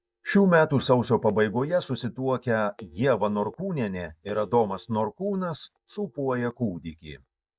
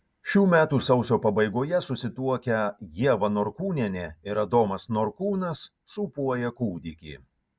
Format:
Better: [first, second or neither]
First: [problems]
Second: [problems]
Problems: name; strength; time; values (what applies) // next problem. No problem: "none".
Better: second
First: noise reduction (neural mask model DeepFilterNet 3)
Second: none